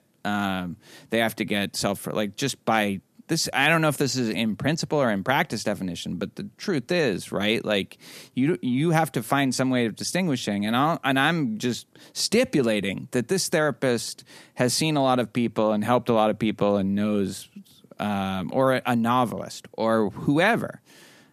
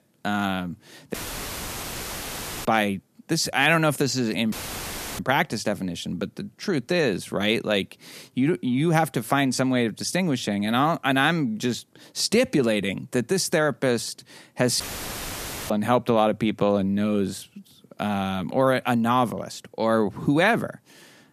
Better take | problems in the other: first | audio cutting out; filled with static; at 1 s for 1.5 s, at 4.5 s for 0.5 s and at 15 s for 1 s

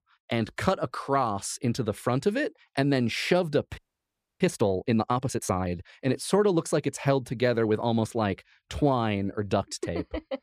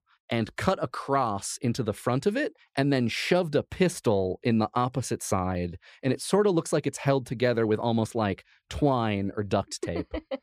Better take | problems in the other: second | audio freezing; at 4 s for 0.5 s

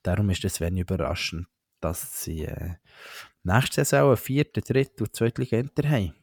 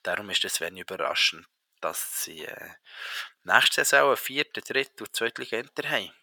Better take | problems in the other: first | thin; very; fading below 600 Hz

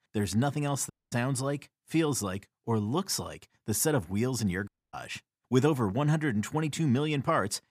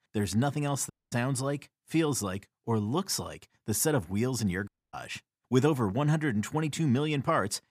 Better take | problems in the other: neither | audio cutting out; at 1 s and at 4.5 s; the same in both

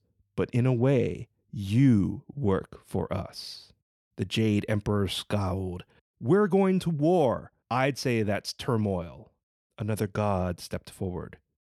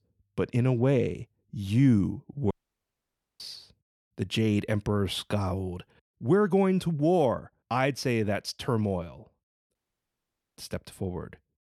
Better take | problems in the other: first | audio cutting out; at 2.5 s for 1 s and at 10 s for 1 s

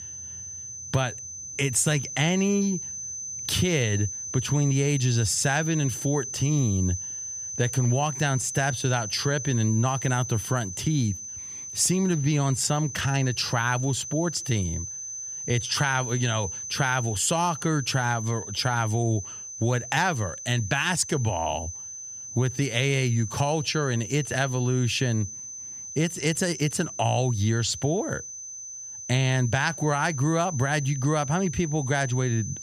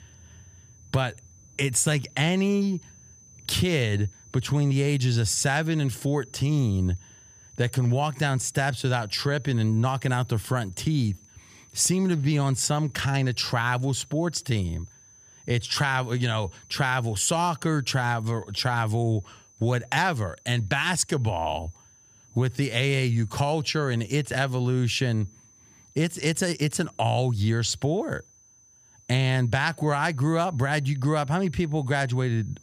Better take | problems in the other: second | high-pitched whine; loud; throughout; 6 kHz, 8 dB below the speech; faint in the second

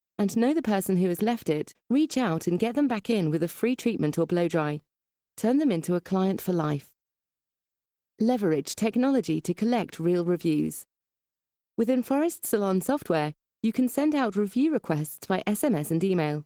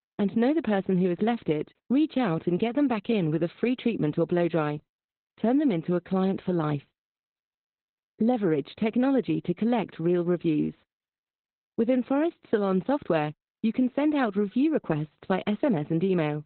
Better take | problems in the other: first | garbled, watery; badly; nothing above 4 kHz; slightly in the first

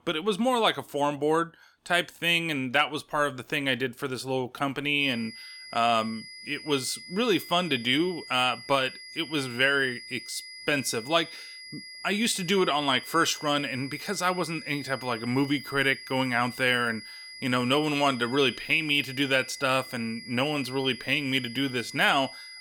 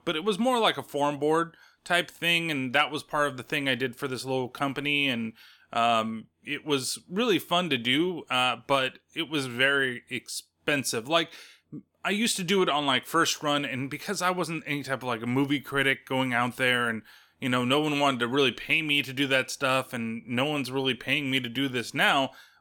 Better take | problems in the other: second | high-pitched whine; noticeable; from 5 s on; 2 kHz, 15 dB below the speech

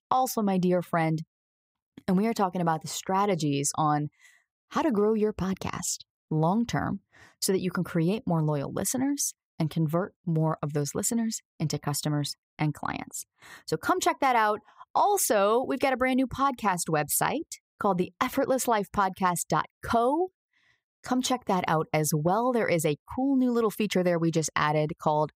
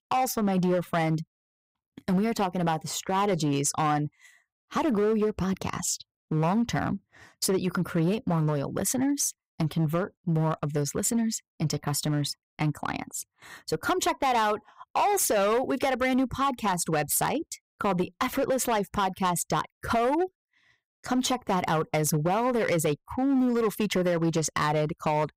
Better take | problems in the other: first | distortion; slight; 9% of the sound clipped

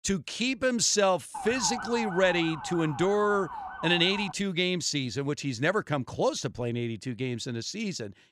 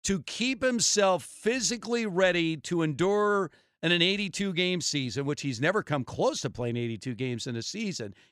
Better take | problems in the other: second | siren; noticeable; from 1.5 to 4.5 s; peak 7 dB below the speech

